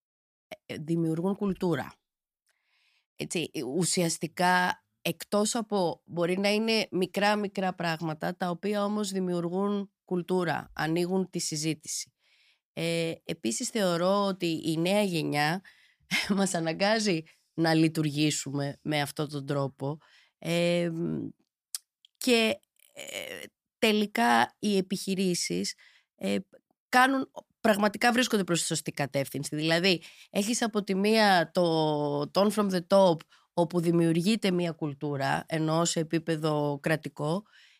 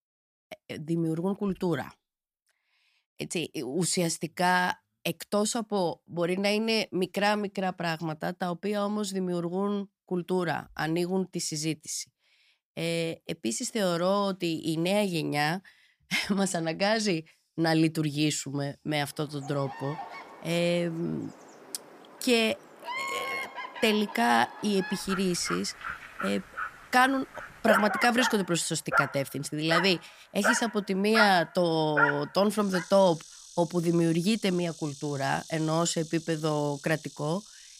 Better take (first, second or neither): first